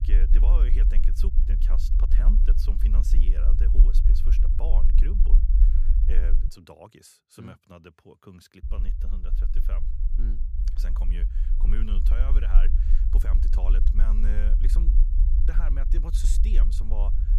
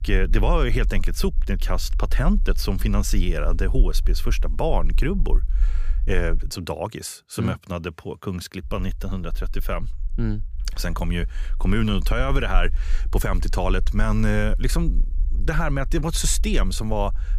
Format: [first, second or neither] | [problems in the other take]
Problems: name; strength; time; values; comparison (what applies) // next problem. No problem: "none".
second | low rumble; loud; until 6.5 s and from 8.5 s on; 3 dB below the speech; faint in the second